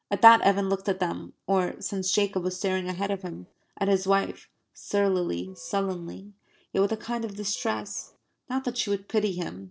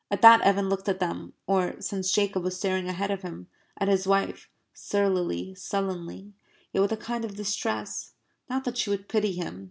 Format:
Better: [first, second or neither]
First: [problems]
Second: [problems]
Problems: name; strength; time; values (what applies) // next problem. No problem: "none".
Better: second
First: noise reduction (neural separator model SepFormer DNS4)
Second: none